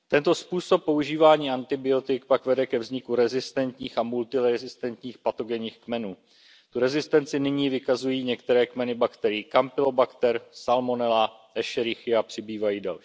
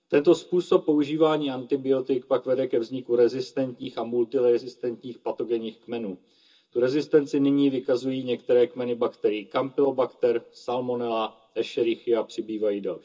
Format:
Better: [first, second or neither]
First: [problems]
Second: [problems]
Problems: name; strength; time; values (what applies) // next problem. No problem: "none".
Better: first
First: none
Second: room echo; dies away in 0.2 s